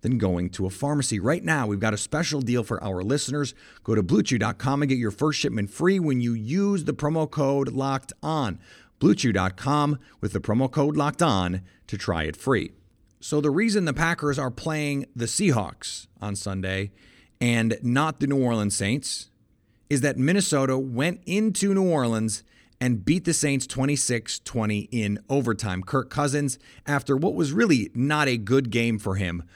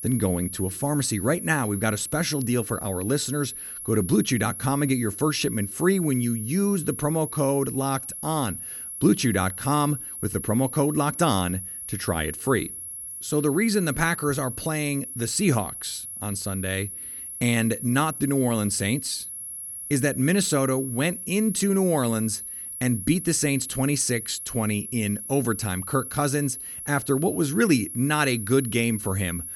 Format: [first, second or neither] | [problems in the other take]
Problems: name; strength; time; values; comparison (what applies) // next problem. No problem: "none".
first | high-pitched whine; loud; throughout; 10.5 kHz, 8 dB below the speech